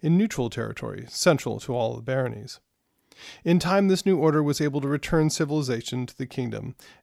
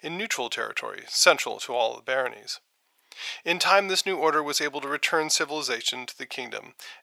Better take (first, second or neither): first